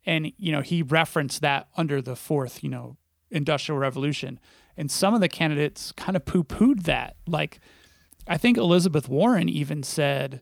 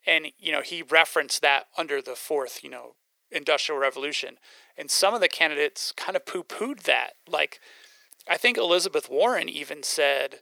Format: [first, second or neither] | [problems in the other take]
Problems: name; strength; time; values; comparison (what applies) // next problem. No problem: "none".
first | thin; very; fading below 450 Hz